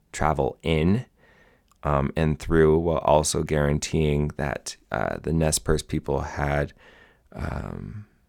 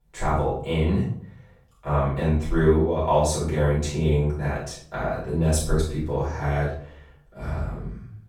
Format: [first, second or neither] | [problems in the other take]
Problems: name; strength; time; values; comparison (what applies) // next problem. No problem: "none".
first | off-mic speech; far // room echo; noticeable; dies away in 0.5 s